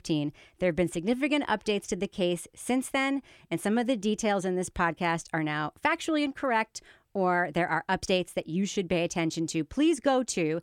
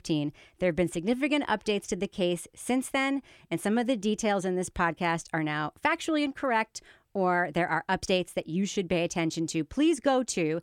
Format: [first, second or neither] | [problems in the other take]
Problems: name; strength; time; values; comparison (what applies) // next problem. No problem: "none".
neither | none